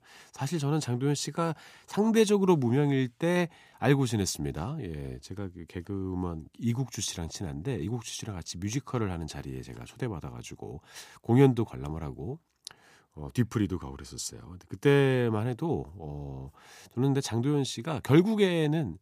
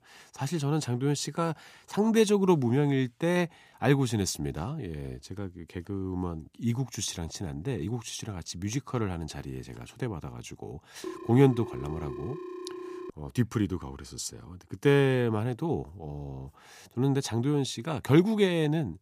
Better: first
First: none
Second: phone ringing; faint; from 11 to 13 s; peak 10 dB below the speech

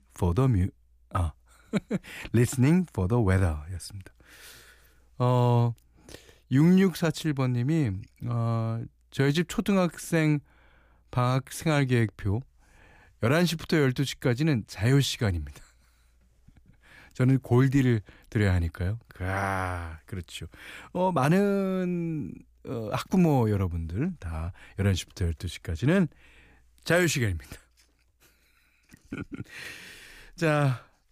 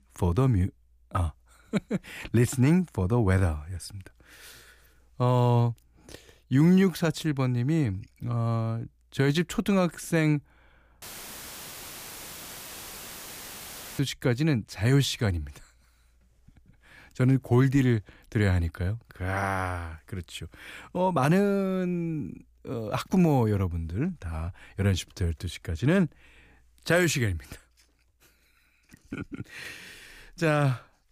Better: first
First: none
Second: audio cutting out; filled with static; at 11 s for 3 s

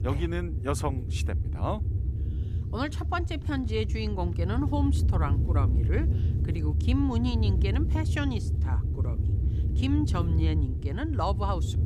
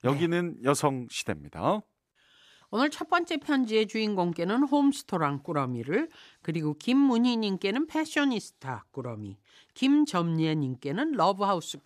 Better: second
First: wind noise on the microphone; heavy; 9 dB below the speech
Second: none

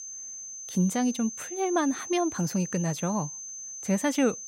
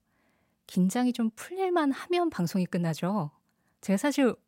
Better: second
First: high-pitched whine; loud; throughout; 6 kHz, 9 dB below the speech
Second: none

